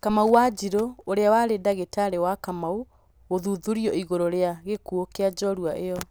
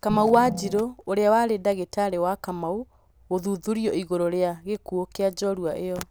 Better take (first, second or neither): first